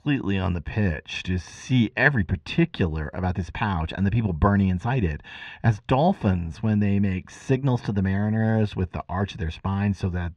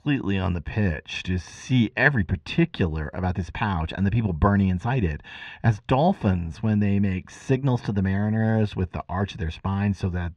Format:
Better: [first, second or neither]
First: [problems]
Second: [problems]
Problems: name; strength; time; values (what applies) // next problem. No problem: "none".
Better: neither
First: muffled; slightly; fading above 3.5 kHz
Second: muffled; slightly; fading above 3.5 kHz